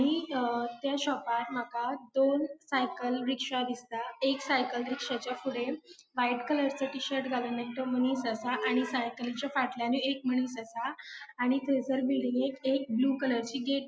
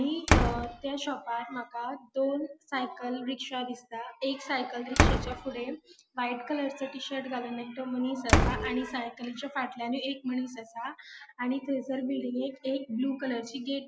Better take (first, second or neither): first